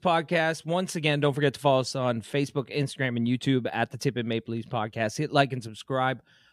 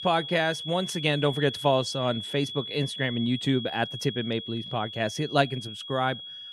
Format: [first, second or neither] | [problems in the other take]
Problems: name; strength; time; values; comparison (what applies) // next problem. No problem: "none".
first | high-pitched whine; loud; throughout; 3.5 kHz, 8 dB below the speech